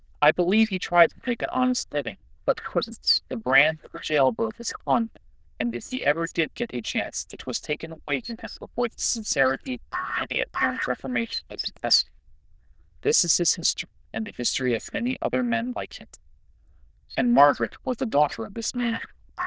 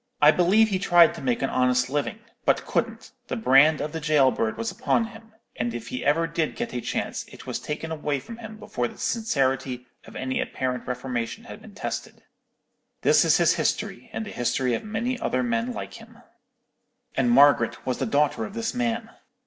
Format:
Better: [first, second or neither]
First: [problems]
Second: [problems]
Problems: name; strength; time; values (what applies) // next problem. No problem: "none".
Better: second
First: noise reduction (neural diffusion model UNIVERSE++)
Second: none